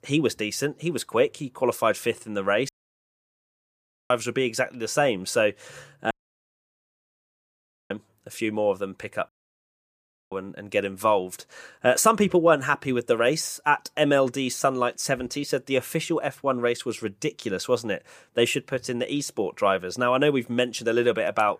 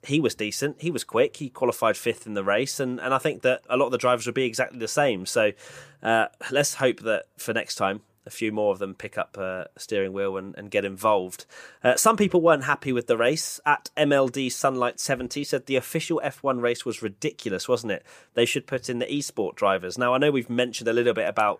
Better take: second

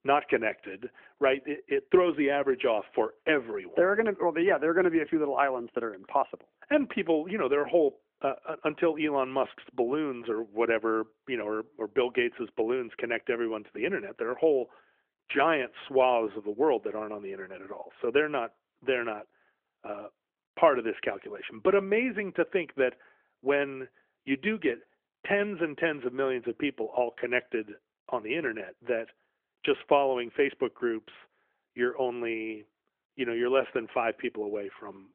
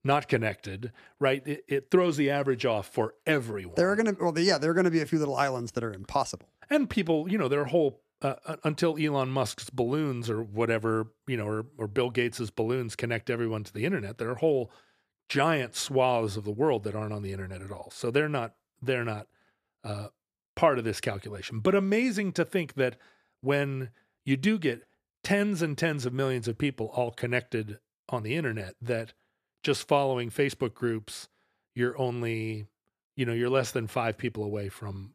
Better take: second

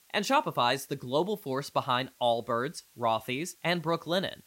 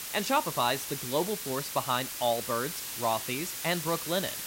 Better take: first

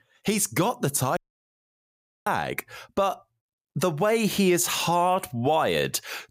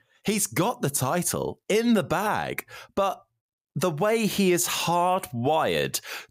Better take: second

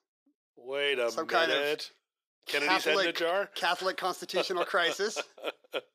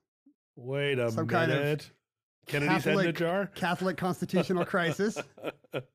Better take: second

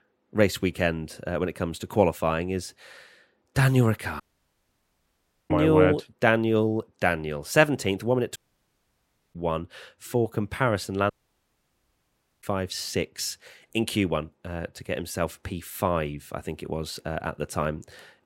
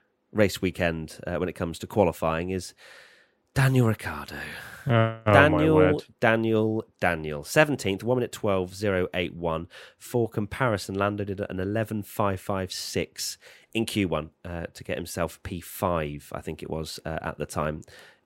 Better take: second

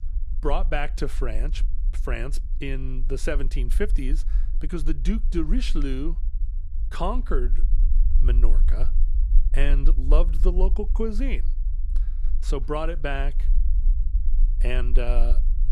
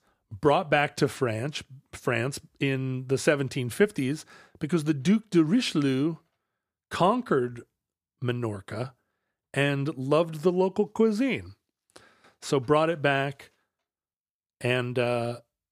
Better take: second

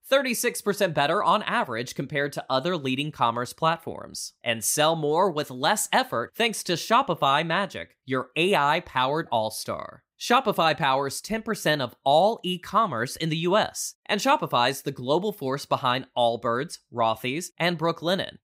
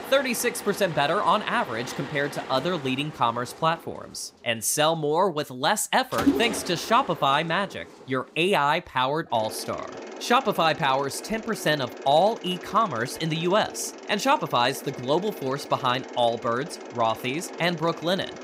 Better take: first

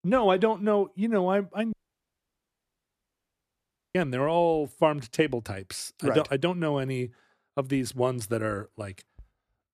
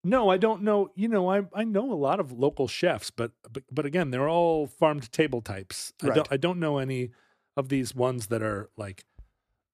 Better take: second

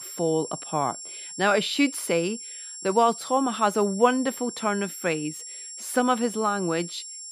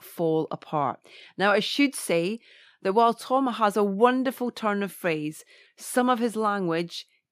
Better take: second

